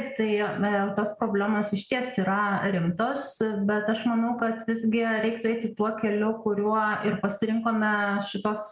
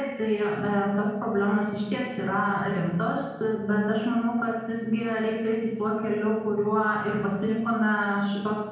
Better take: first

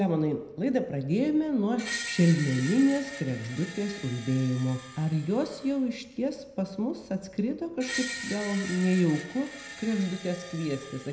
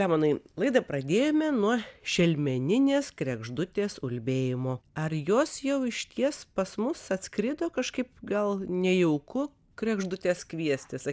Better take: second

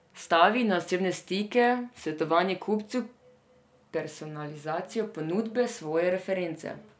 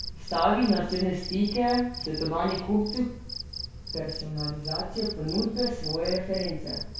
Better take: first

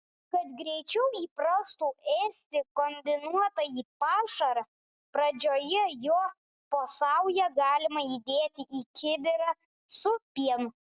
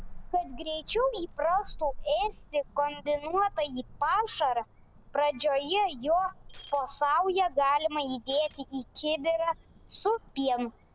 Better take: first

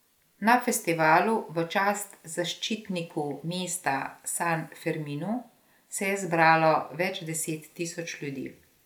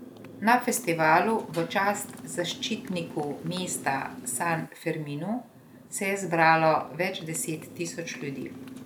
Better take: first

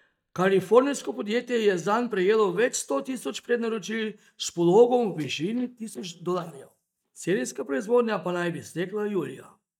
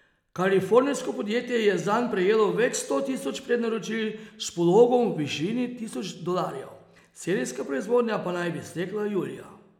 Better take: second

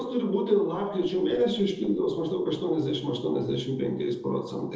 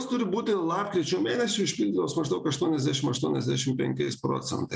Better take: second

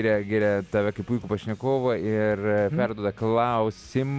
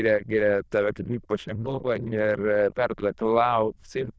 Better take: first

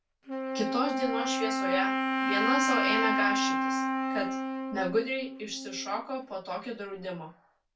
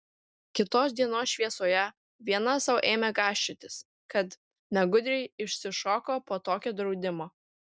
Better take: second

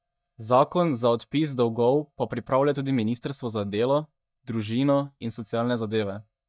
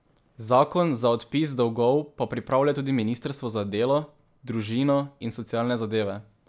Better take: second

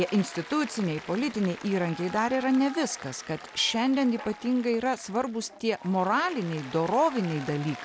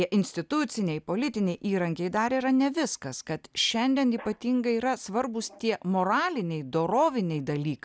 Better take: second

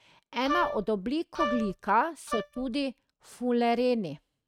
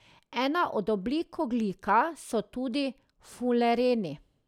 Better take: second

